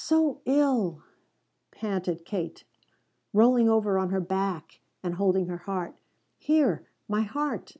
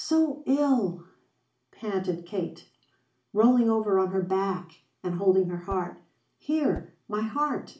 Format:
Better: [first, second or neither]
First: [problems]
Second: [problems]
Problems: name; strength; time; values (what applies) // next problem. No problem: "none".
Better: first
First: none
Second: background sound (Whoosh, swoosh, swish); 14 dB below the speech // room echo; dies away in 0.4 s